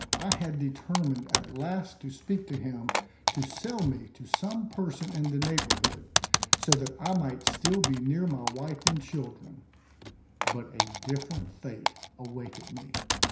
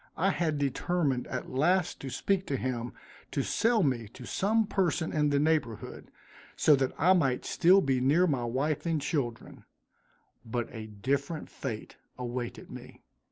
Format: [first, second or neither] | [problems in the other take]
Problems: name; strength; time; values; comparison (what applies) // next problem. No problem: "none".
second | background sound (Typing); as loud as the speech // room echo; dies away in 0.5 s